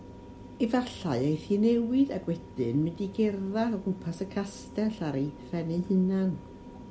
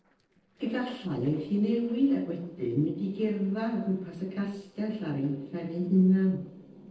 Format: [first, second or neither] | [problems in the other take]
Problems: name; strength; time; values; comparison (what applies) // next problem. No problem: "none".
first | noise reduction (neural separator model SepFormer DNS4)